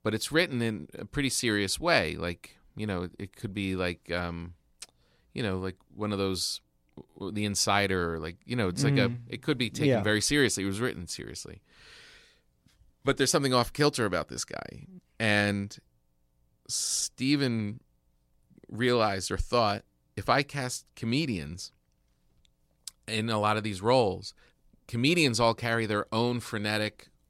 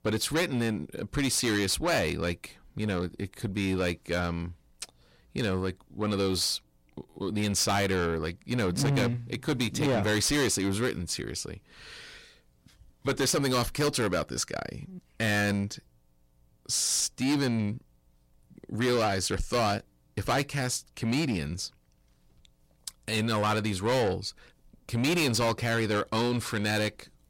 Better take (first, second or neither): first